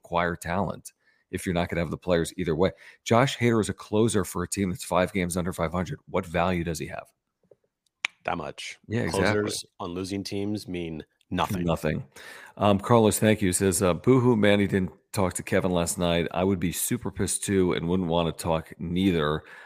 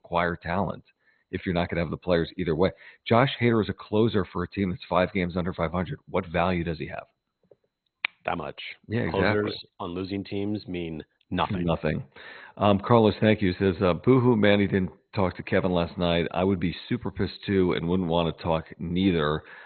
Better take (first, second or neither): first